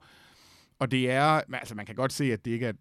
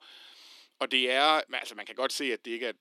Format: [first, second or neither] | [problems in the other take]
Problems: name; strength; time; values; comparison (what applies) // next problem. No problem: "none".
first | thin; somewhat; fading below 300 Hz